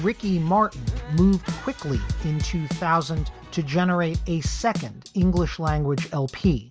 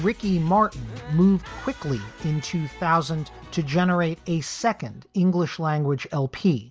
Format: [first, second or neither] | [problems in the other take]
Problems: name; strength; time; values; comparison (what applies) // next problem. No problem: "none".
second | background sound (Drum / Drum kit); 6 dB below the speech